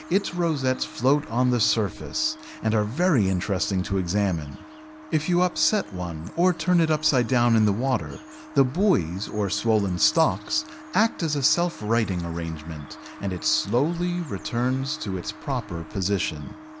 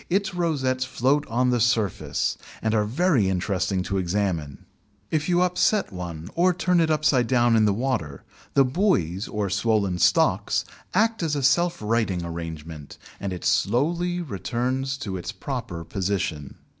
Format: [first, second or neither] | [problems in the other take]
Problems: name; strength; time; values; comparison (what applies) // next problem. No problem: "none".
second | background sound (Bird vocalization, bird call, bird song + Brass instrument); 18 dB below the speech